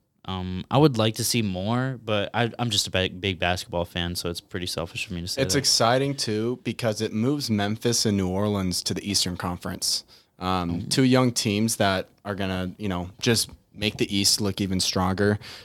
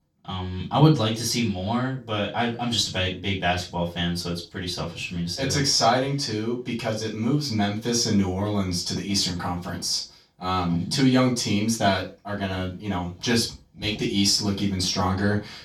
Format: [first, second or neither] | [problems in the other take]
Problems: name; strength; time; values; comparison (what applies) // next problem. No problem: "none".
first | room echo; slight; dies away in 0.2 s // off-mic speech; far